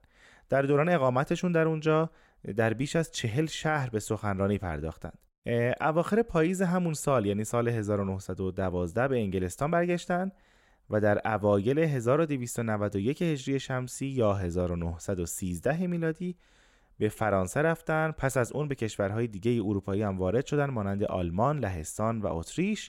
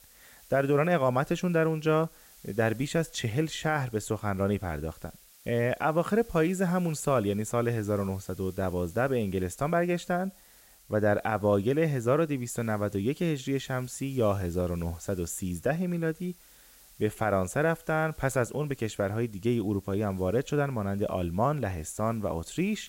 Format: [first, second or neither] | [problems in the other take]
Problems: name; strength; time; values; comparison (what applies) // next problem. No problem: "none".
first | hiss; faint; throughout; 25 dB below the speech